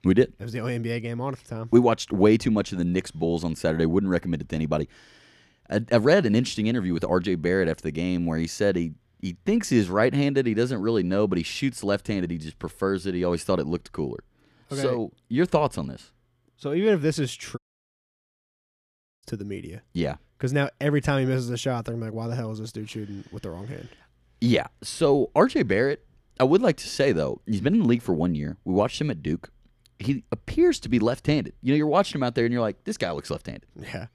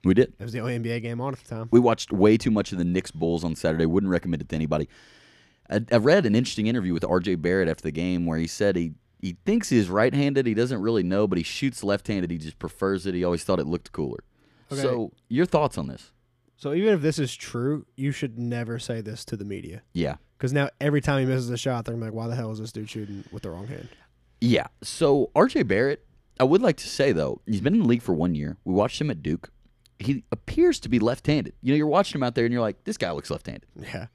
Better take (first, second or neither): second